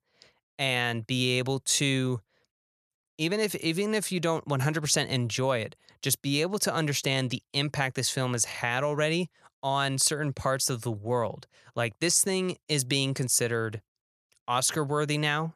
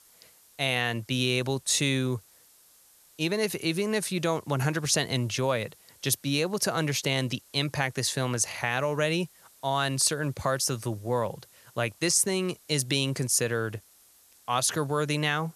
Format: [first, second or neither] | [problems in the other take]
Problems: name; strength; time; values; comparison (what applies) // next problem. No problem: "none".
first | hiss; faint; throughout; 30 dB below the speech